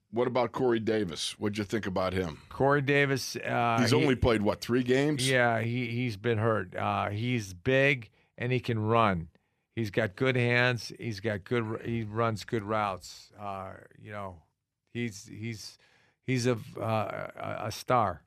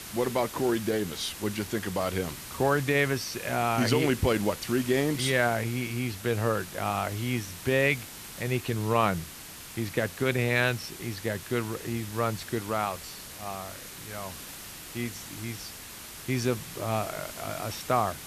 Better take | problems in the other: first | hiss; noticeable; throughout; 10 dB below the speech

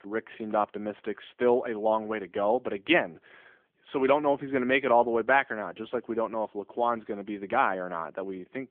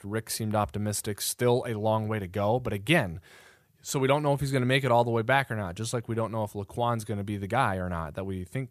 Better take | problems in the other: second | phone-call audio; nothing above 3.5 kHz

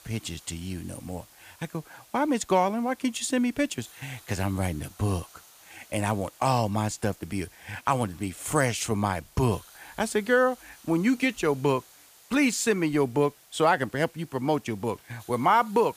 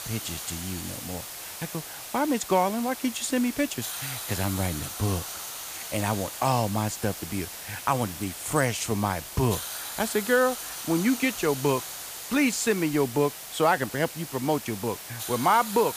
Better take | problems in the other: first | hiss; loud; throughout; 8 dB below the speech; faint in the first

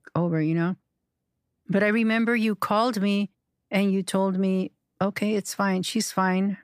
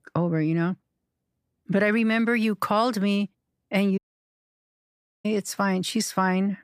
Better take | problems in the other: first | audio cutting out; at 4 s for 1.5 s

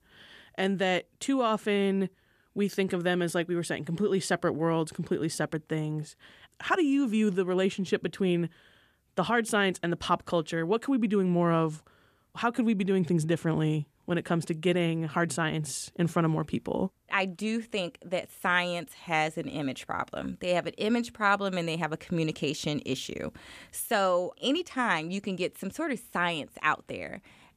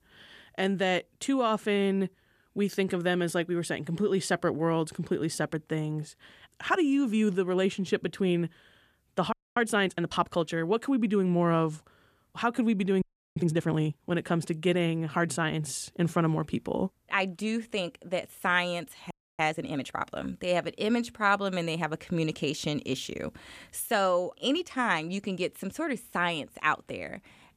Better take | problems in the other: first | audio freezing; at 9.5 s, at 13 s and at 19 s

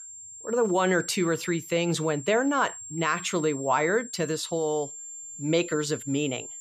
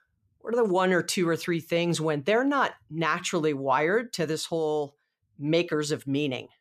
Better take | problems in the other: second | high-pitched whine; noticeable; throughout; 7.5 kHz, 10 dB below the speech

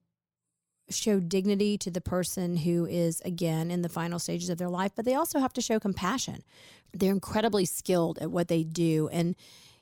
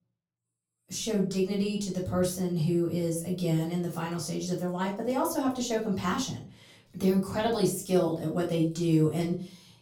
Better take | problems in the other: first | off-mic speech; far // room echo; slight; dies away in 0.3 s

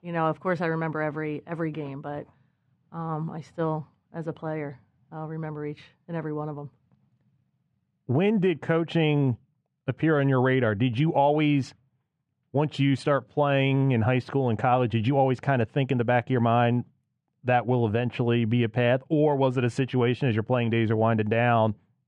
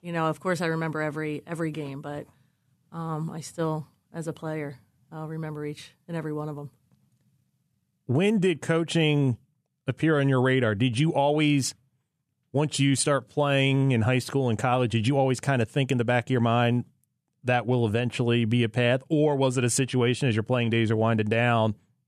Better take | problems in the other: second | muffled; very; fading above 2.5 kHz

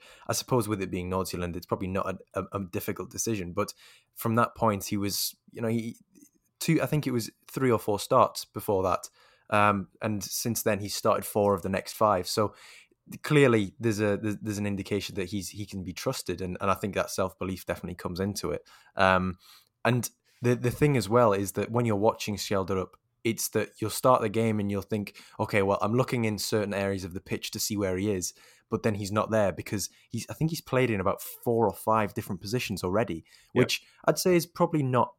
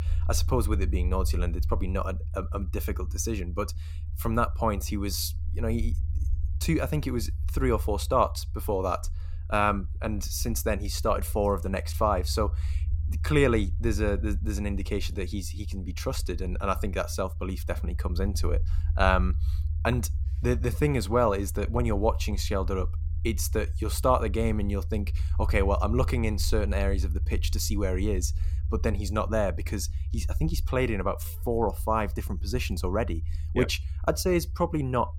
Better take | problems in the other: first | low rumble; faint; throughout; 20 dB below the speech

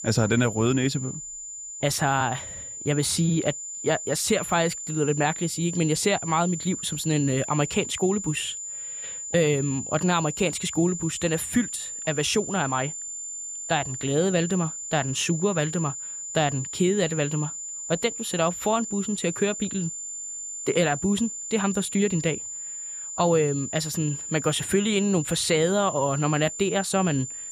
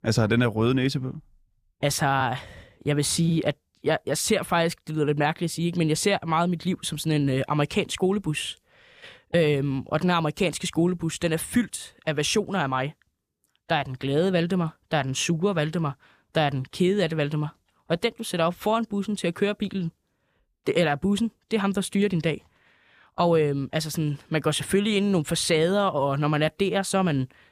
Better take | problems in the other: second | high-pitched whine; loud; throughout; 7 kHz, 7 dB below the speech

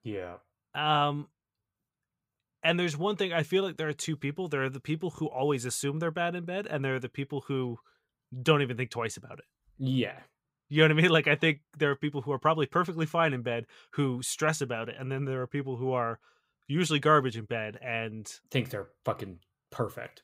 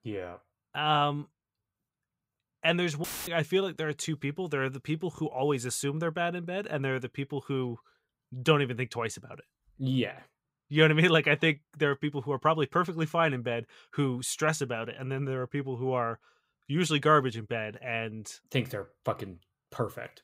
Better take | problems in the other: first | audio cutting out; filled with static; at 3 s

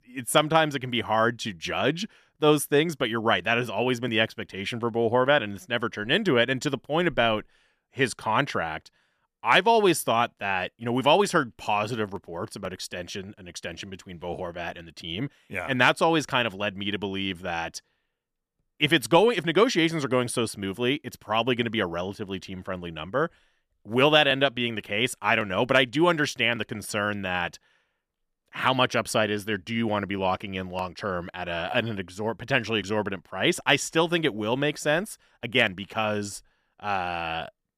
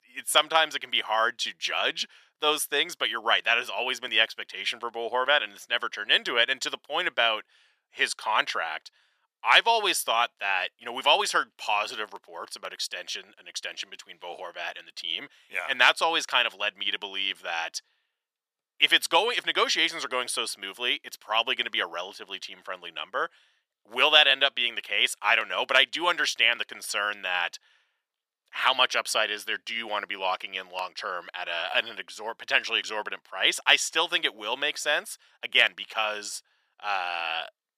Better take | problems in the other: first | thin; very; fading below 750 Hz

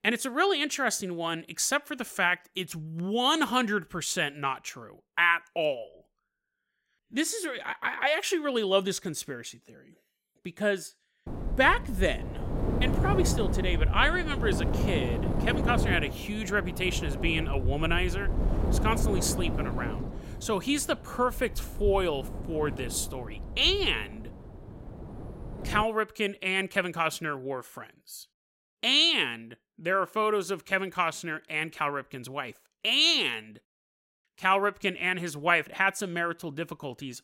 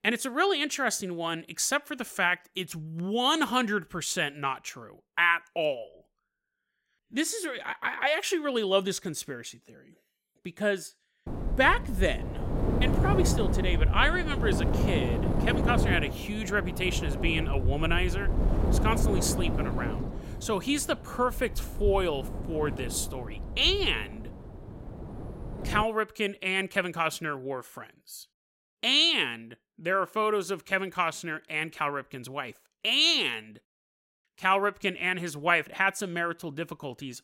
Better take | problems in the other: first | wind noise on the microphone; heavy; from 11 to 26 s; 10 dB below the speech; occasional gusts in the first

